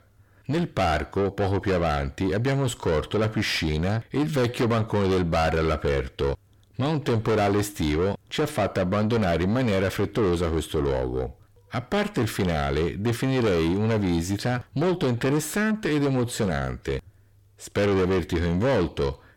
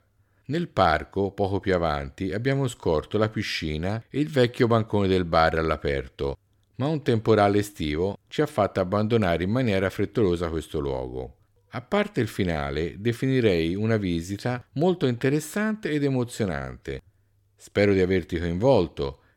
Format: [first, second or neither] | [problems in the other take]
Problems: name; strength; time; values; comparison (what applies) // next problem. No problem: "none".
second | distortion; heavy; 6 dB below the speech